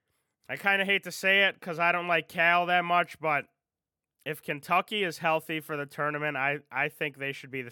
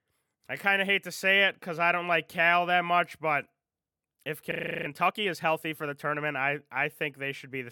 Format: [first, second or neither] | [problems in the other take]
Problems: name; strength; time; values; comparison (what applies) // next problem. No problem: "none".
first | audio freezing; at 4.5 s